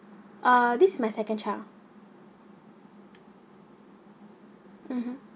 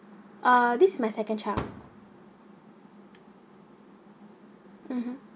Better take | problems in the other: first | background sound (Fireworks); 10 dB below the speech

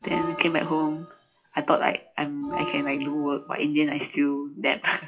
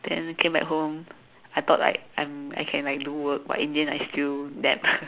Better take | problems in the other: second | noise reduction (classical method WPE with log-MMSE)

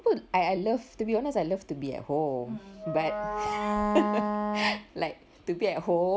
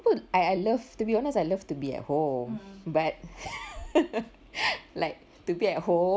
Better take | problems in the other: second | background sound (Wind instrument, woodwind instrument); 2 dB below the speech

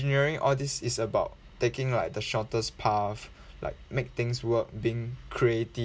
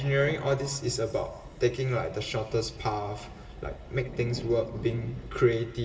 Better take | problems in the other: first | background sound (Thunder / Rain); 16 dB below the speech // room echo; dies away in 1.5 s

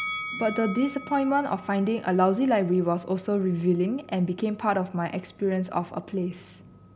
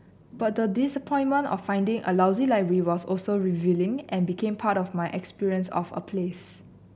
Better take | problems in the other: second | background sound (Bell); 16 dB below the speech

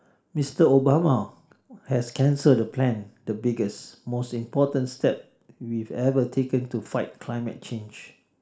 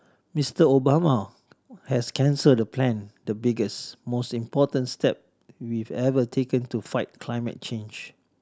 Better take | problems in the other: second | room echo; dies away in 0.4 s

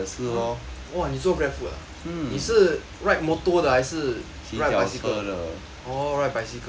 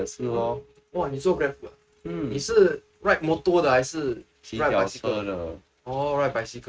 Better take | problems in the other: first | noise reduction (neural mask model RNNoise)

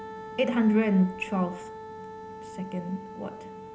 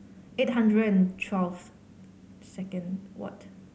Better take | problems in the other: second | background sound (Wind instrument, woodwind instrument); 13 dB below the speech

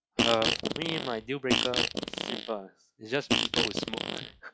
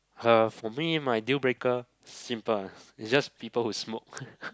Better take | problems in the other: second | noise reduction (classical method log-MMSE)

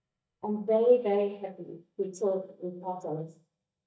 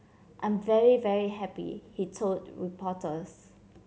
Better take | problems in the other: second | noise reduction (neural mask model DeepFilterNet 3)

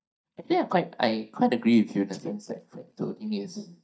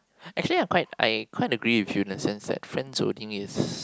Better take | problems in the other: second | noise reduction (neural mask model DeepFilterNet 3)

